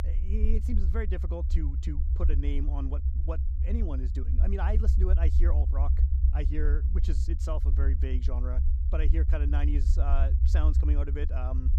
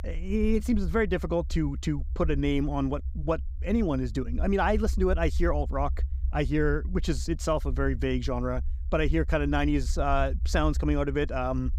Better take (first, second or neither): second